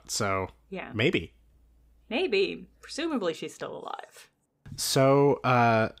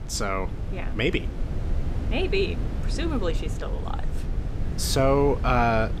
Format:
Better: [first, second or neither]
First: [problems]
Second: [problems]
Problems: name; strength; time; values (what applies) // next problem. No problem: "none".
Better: first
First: none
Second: wind noise on the microphone; occasional gusts; 15 dB below the speech